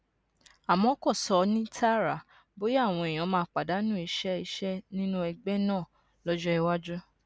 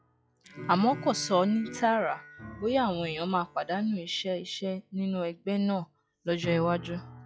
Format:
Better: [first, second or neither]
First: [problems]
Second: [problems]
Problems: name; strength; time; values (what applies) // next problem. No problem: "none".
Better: first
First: none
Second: noise reduction (classical method log-MMSE)